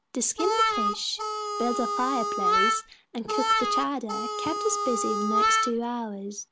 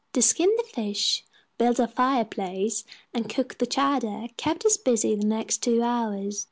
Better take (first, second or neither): second